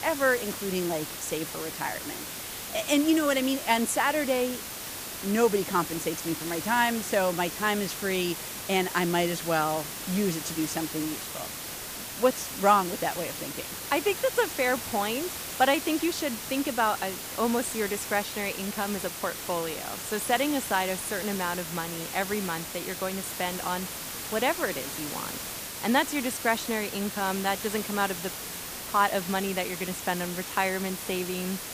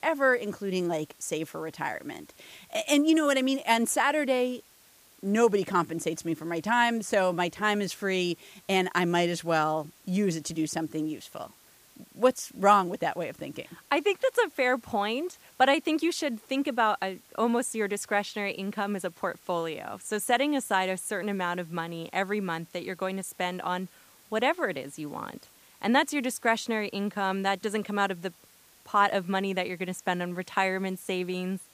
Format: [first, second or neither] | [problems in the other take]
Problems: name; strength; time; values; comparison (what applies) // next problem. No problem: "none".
second | hiss; loud; throughout; 6 dB below the speech; faint in the second